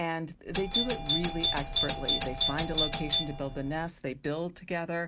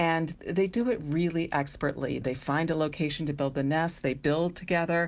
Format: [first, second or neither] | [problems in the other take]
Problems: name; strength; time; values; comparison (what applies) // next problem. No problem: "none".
second | background sound (Doorbell); 3 dB above the speech